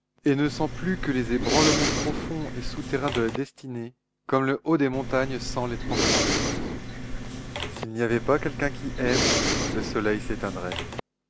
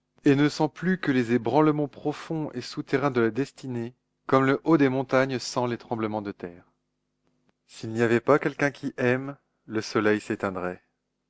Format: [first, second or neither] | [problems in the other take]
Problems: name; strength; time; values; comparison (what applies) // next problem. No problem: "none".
second | background sound (Respiratory sounds); as loud as the speech